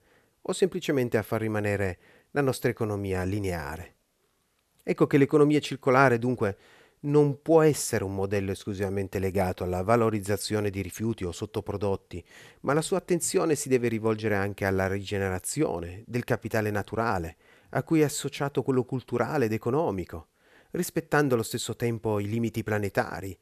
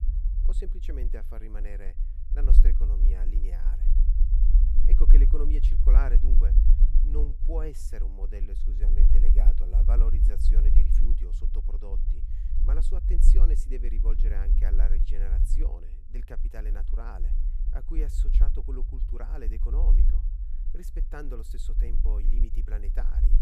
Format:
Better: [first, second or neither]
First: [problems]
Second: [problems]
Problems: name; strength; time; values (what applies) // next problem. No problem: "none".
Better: first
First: none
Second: low rumble; loud; throughout; 4 dB below the speech